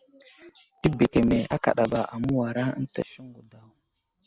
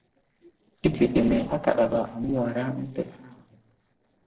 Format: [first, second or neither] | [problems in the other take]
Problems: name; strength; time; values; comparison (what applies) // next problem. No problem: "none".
first | noise reduction (neural separator model SepFormer DNS4)